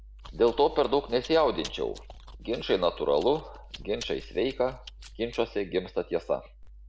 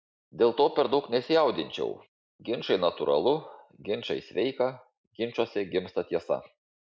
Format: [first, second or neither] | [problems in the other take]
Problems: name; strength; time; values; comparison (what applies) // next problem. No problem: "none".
second | background sound (Chewing, mastication); 17 dB below the speech